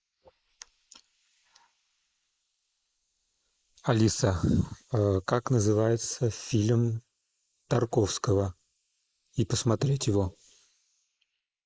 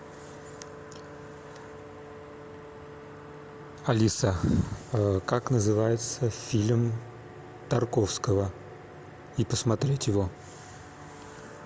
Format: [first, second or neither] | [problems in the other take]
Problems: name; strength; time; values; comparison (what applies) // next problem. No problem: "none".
second | noise reduction (neural mask model Resemble Enhance denoiser)